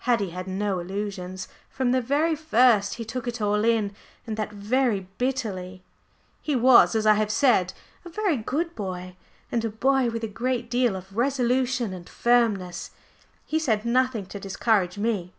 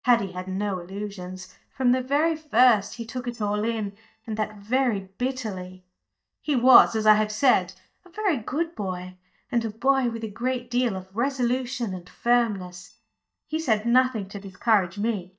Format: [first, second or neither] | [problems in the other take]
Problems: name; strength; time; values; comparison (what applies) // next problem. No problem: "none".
first | noise reduction (neural mask model DeepFilterNet 3)